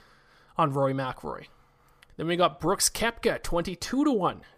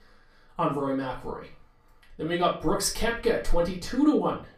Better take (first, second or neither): first